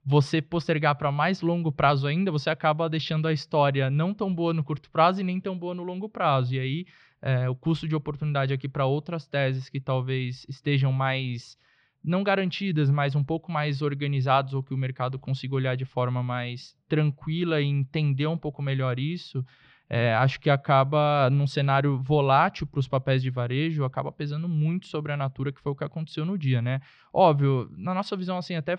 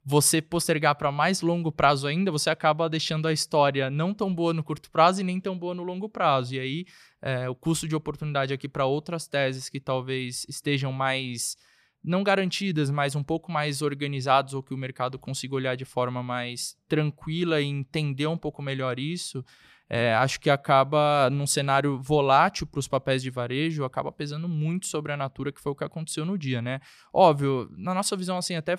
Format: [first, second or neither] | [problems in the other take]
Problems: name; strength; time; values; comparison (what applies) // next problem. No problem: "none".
second | muffled; slightly; fading above 4 kHz